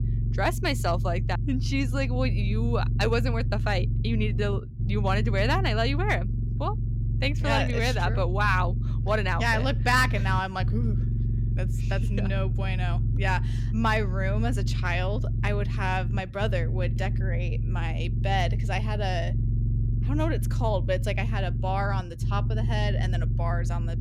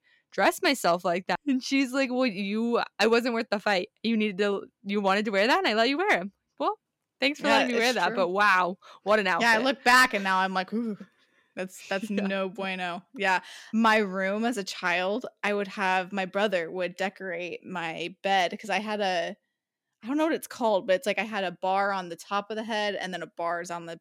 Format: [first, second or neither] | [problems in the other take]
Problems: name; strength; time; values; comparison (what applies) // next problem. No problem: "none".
second | low rumble; noticeable; throughout; 10 dB below the speech